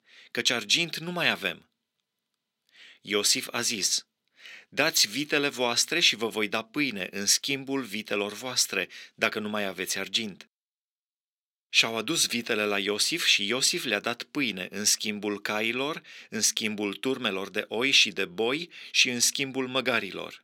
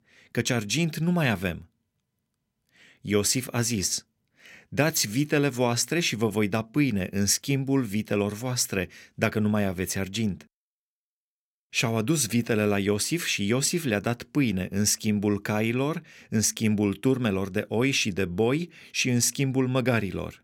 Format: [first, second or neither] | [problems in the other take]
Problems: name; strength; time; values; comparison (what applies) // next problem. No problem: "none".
second | thin; somewhat; fading below 300 Hz